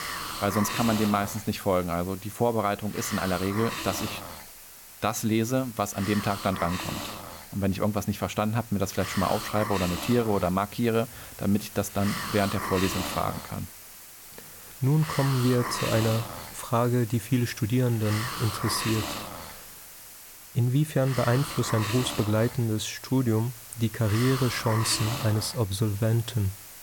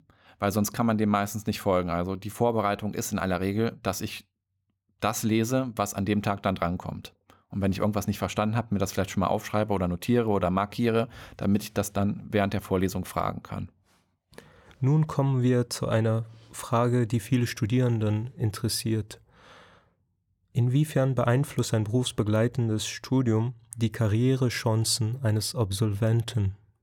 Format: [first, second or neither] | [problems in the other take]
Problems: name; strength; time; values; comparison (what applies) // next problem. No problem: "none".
second | hiss; loud; throughout; 8 dB below the speech